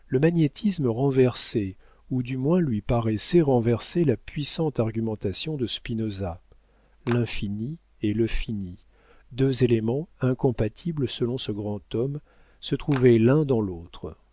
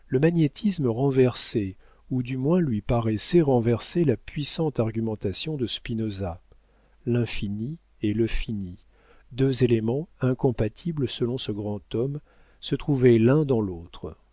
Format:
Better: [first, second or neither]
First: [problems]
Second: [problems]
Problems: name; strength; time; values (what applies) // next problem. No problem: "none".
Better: second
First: background sound (Clapping); 14 dB below the speech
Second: none